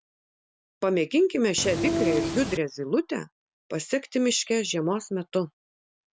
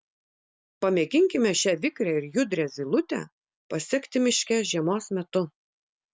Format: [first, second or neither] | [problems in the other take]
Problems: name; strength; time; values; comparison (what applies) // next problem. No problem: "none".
second | background sound (Train); as loud as the speech